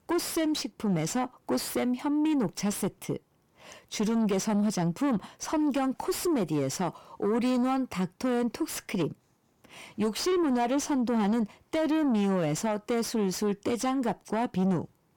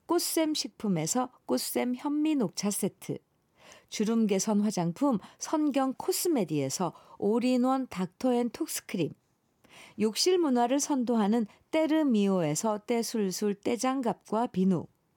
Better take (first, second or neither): second